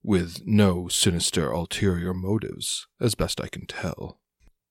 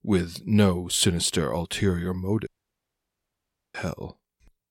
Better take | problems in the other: first | audio cutting out; at 2.5 s for 1.5 s

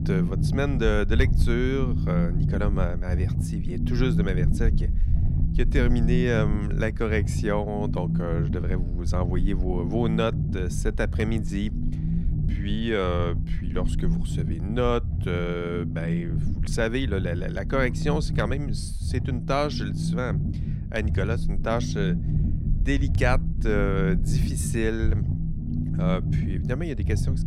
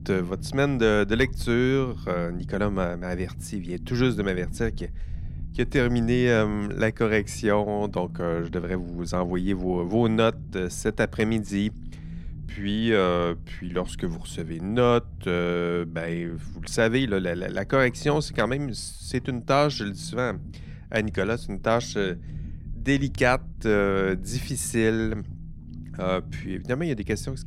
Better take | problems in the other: second | low rumble; loud; throughout; 8 dB below the speech; faint in the second

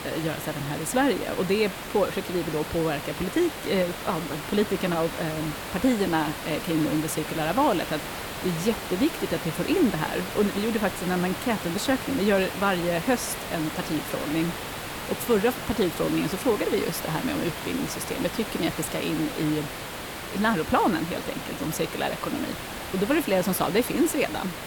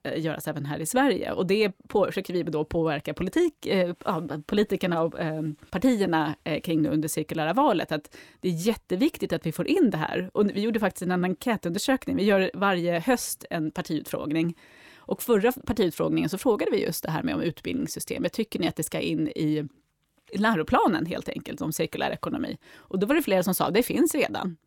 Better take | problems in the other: second | hiss; loud; throughout; 7 dB below the speech

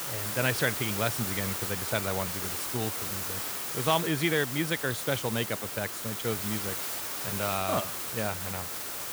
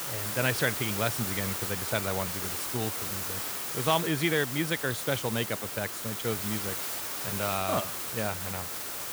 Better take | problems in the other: neither | hiss; loud; throughout; 1 dB below the speech; the same in both

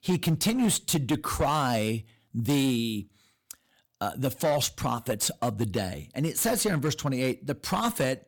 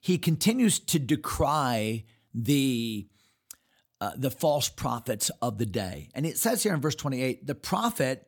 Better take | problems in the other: second | distortion; slight; 9% of the sound clipped

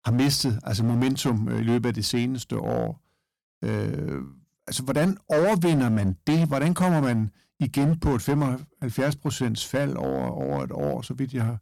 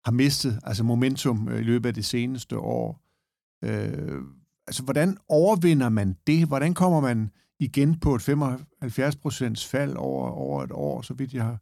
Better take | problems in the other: second | distortion; slight; 8% of the sound clipped

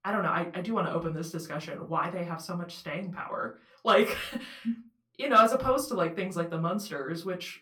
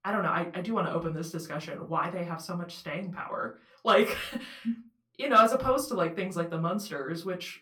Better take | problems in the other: neither | off-mic speech; far; the same in both // room echo; very slight; dies away in 0.2 s; the same in both

